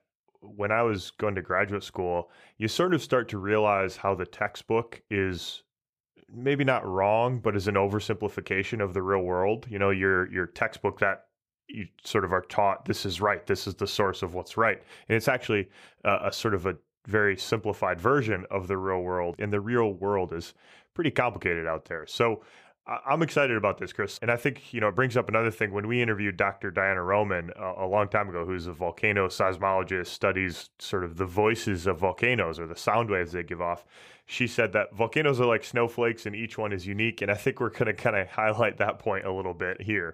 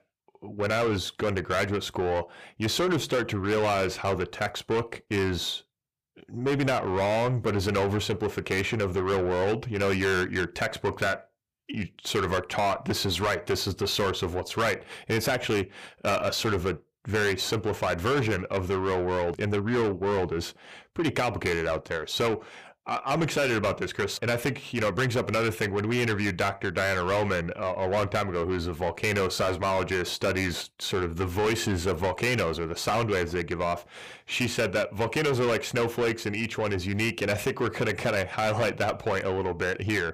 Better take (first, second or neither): first